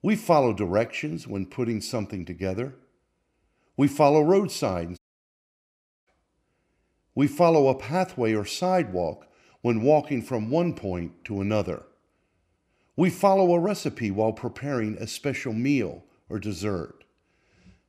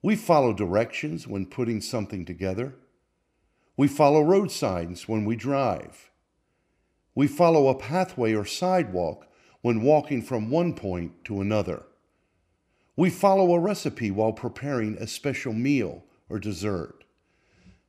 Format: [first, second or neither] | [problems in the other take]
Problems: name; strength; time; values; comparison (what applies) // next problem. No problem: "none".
second | audio cutting out; at 5 s for 1 s